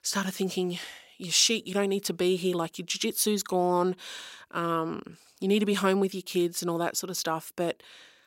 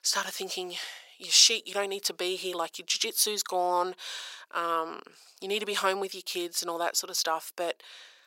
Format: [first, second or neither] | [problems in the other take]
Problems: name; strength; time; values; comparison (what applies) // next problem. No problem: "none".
first | thin; very; fading below 650 Hz